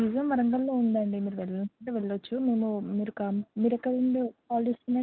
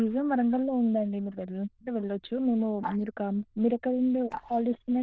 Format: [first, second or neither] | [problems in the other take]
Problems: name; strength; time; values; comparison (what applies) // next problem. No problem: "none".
first | noise reduction (neural diffusion model UNIVERSE++)